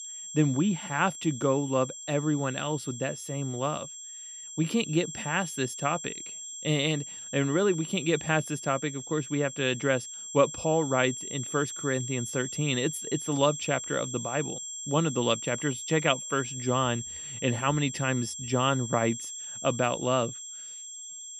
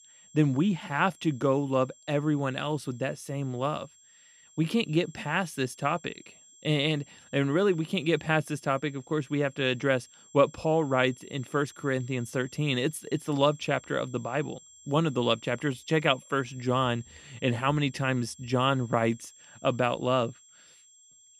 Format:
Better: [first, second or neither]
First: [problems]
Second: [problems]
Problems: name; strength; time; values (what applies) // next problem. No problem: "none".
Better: second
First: high-pitched whine; loud; throughout; 7.5 kHz, 8 dB below the speech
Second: high-pitched whine; faint; throughout; 7.5 kHz, 25 dB below the speech